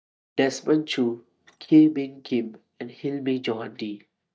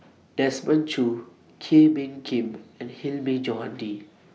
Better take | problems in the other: second | noise reduction (neural mask model DeepFilterNet 3)

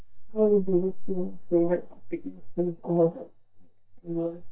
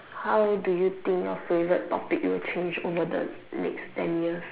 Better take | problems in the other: second | noise reduction (neural mask model DeepFilterNet 3)

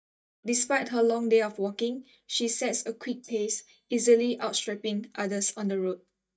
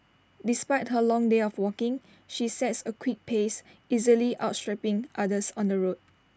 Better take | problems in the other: second | noise reduction (neural mask model DeepFilterNet 3)

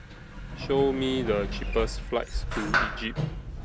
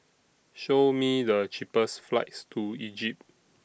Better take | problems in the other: second | background sound (Sliding door); 1 dB below the speech

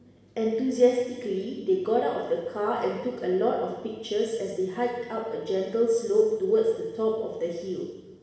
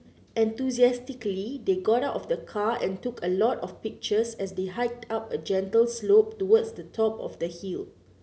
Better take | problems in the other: second | room echo; dies away in 1.1 s

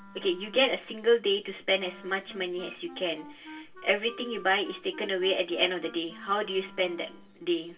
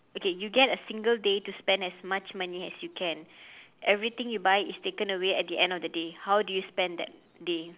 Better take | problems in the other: second | background sound (Wind instrument, woodwind instrument); 20 dB below the speech // room echo; dies away in 0.1 s

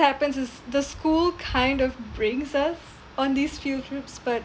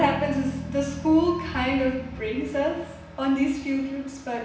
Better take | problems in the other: first | background sound (Bass guitar); 13 dB below the speech // room echo; dies away in 0.9 s

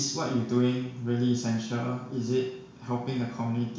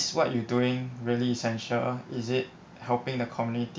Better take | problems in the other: second | room echo; dies away in 0.7 s

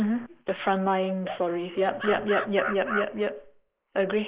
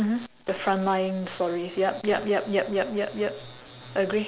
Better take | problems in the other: second | noise reduction (neural mask model Resemble Enhance denoiser)

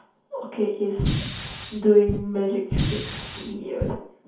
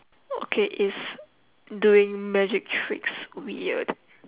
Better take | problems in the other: second | background sound (Fire); 3 dB below the speech // room echo; dies away in 0.6 s

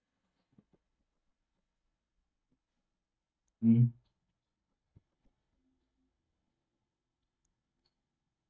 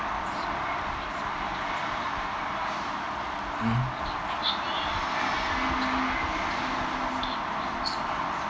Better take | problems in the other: second | noise reduction (neural mask model DeepFilterNet 3)

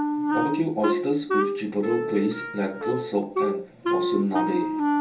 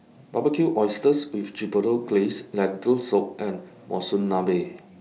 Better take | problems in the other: second | background sound (Wind instrument, woodwind instrument); 1 dB above the speech // room echo; dies away in 0.2 s

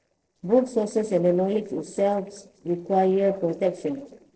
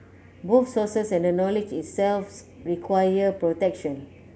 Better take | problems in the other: second | noise reduction (neural separator model SepFormer DNS4)

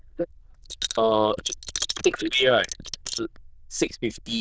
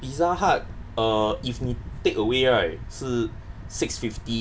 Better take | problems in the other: second | noise reduction (neural diffusion model UNIVERSE++)

